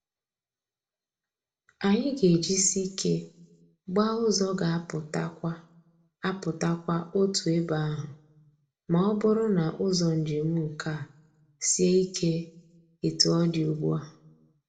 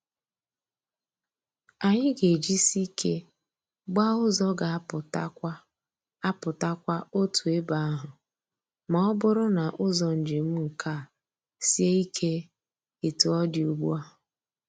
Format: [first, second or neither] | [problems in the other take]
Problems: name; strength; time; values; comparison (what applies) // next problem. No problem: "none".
second | room echo; dies away in 0.3 s